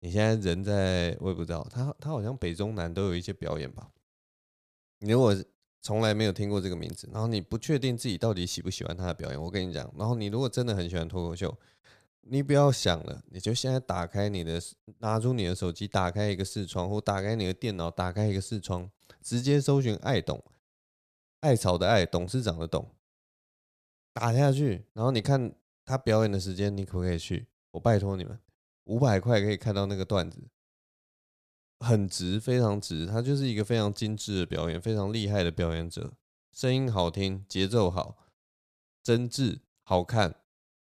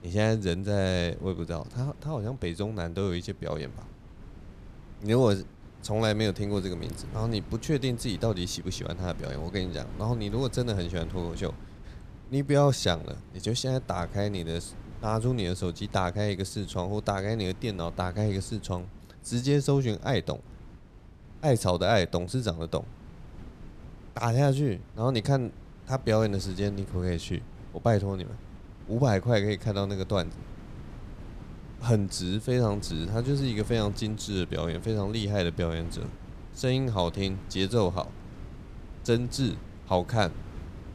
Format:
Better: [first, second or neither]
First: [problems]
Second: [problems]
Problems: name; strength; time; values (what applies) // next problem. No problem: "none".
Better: first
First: none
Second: wind noise on the microphone; occasional gusts; 20 dB below the speech